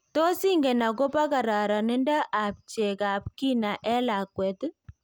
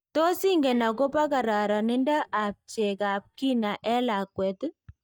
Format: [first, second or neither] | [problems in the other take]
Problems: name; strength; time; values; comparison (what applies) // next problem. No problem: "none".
first | noise reduction (neural mask model DeepFilterNet 3)